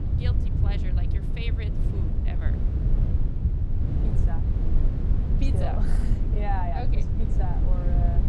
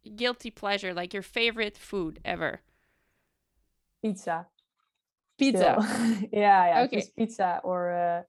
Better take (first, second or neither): second